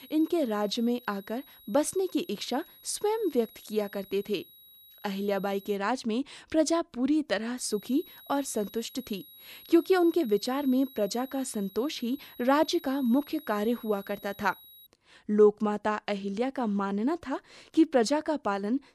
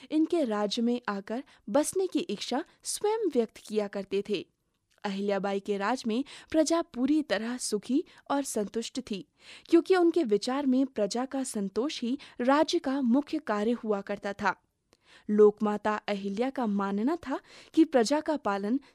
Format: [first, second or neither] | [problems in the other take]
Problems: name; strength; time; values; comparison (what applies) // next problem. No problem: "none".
second | high-pitched whine; faint; until 6 s and from 7.5 to 15 s; 11.5 kHz, 20 dB below the speech